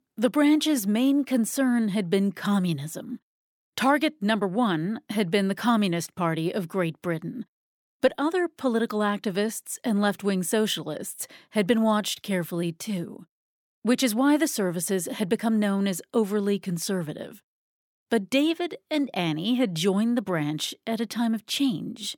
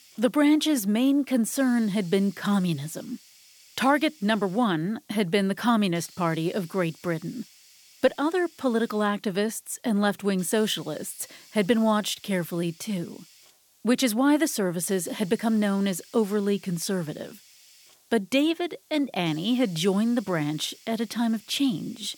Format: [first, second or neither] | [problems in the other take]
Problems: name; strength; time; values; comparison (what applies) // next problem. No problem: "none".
first | hiss; faint; throughout; 25 dB below the speech